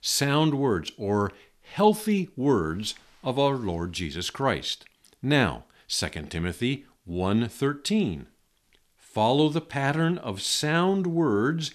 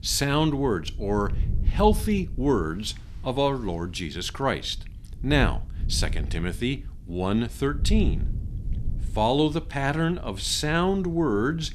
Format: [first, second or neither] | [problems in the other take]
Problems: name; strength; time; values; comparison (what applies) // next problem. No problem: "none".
first | wind noise on the microphone; occasional gusts; 25 dB below the speech